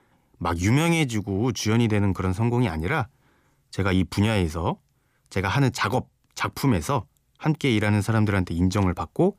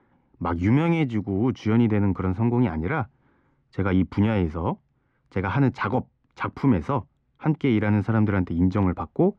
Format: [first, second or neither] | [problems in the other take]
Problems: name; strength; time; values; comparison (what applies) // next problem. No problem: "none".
first | muffled; very; fading above 2 kHz